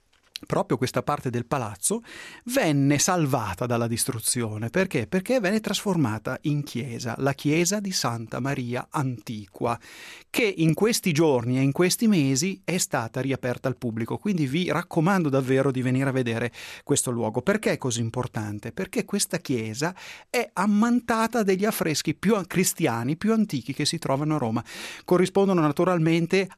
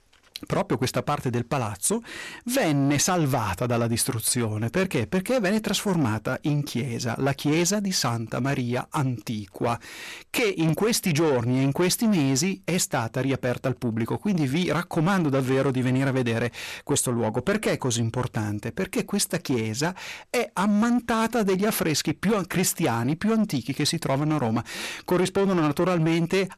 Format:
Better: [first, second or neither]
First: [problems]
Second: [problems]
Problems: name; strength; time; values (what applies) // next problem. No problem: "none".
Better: first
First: none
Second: distortion; slight; 10 dB below the speech